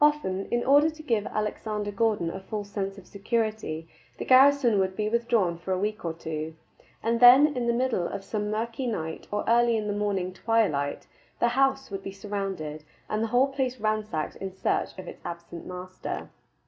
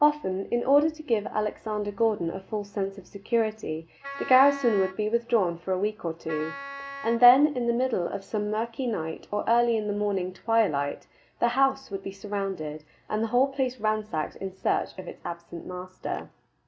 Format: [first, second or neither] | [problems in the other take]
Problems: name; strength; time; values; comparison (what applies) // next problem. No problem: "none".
first | background sound (Wind instrument, woodwind instrument); 12 dB below the speech